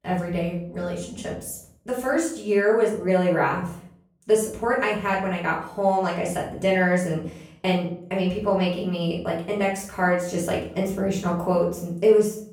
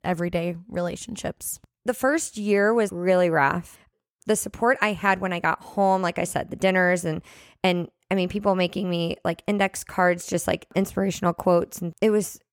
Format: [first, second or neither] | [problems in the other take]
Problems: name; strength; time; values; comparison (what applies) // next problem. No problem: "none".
second | off-mic speech; far // room echo; noticeable; dies away in 0.5 s